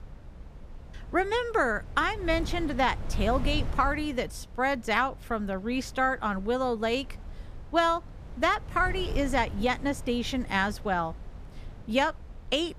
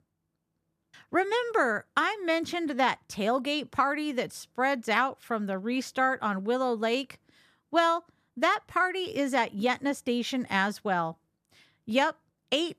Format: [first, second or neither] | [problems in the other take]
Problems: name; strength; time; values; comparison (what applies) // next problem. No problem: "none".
second | wind noise on the microphone; occasional gusts; 20 dB below the speech